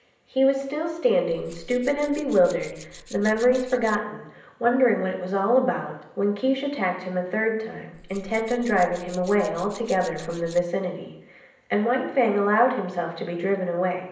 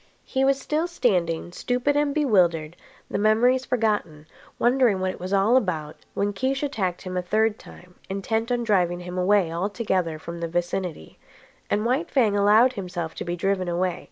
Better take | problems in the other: second | background sound (Tools); 19 dB below the speech // room echo; dies away in 0.8 s

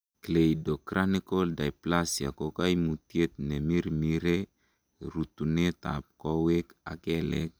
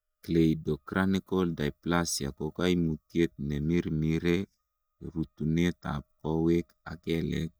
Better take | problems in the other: first | noise reduction (neural mask model DeepFilterNet 3)

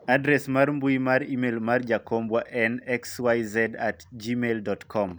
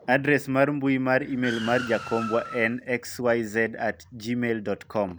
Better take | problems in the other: first | background sound (Car); 12 dB below the speech

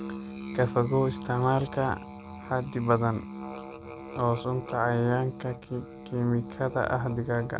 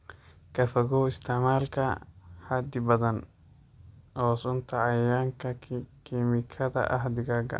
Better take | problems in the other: second | background sound (Musical instrument); 12 dB below the speech

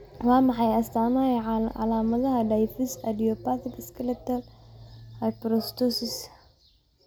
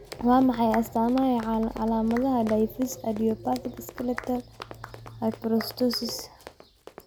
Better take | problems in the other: first | background sound (Clapping + Run); 17 dB below the speech

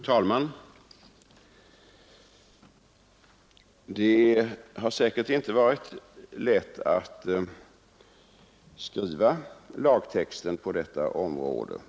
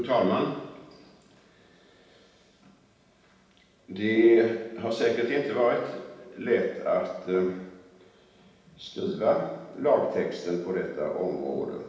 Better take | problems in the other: first | room echo; dies away in 0.9 s

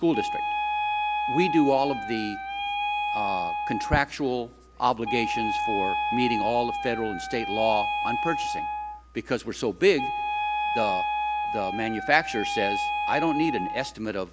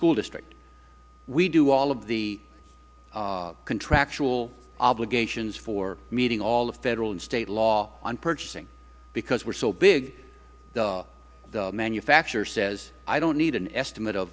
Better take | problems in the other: second | background sound (Wind instrument, woodwind instrument); 1 dB below the speech

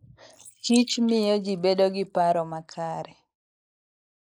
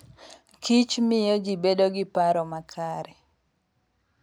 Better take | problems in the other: second | noise reduction (neural mask model Resemble Enhance denoiser)

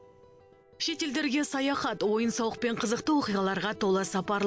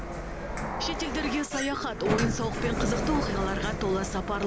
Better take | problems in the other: first | background sound (Sliding door); as loud as the speech

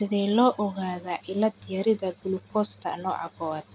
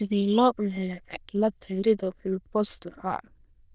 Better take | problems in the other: first | noise reduction (neural diffusion model UNIVERSE++)

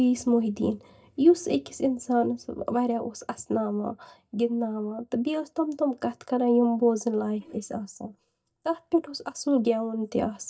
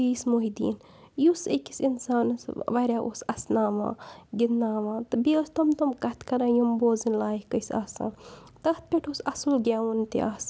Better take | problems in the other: second | noise reduction (neural mask model DeepFilterNet 3)

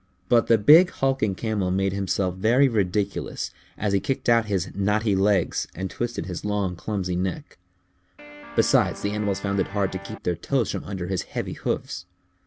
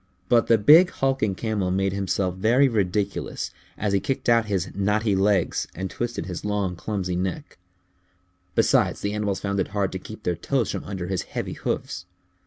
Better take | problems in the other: second | background sound (Guitar); 16 dB below the speech

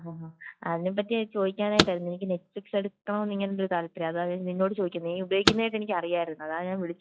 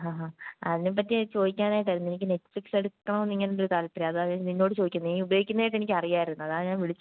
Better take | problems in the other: second | noise reduction (classical method log-MMSE)

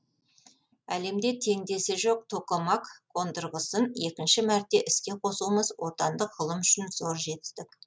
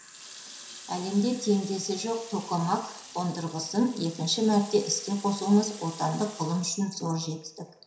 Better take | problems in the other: first | background sound (Water tap, faucet); 17 dB below the speech // room echo; dies away in 0.7 s

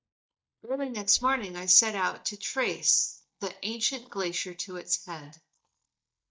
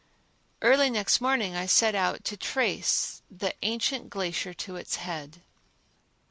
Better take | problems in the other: second | noise reduction (neural mask model DeepFilterNet 3)

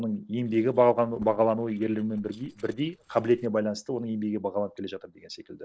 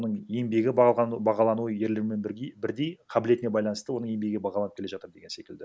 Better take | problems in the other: second | noise reduction (neural separator model SepFormer DNS4)

